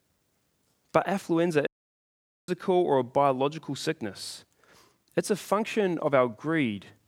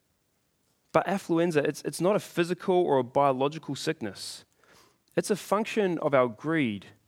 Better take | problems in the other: second | audio cutting out; at 1.5 s for 1 s

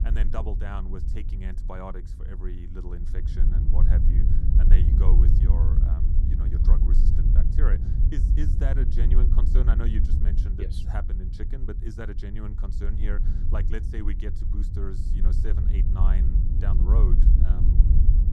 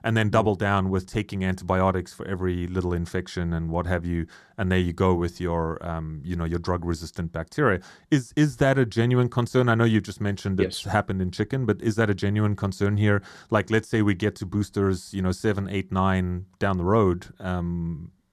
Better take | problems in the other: second | low rumble; loud; throughout; 1 dB below the speech

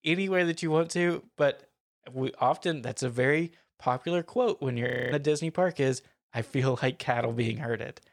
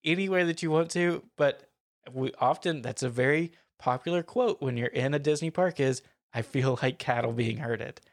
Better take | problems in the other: second | audio freezing; at 5 s

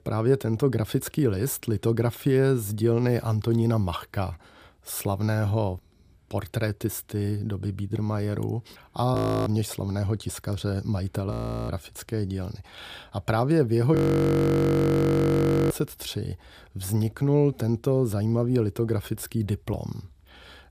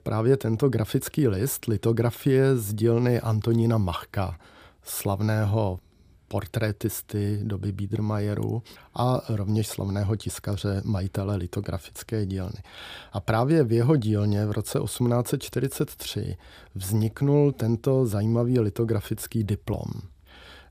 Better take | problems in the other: second | audio freezing; at 9 s, at 11 s and at 14 s for 2 s

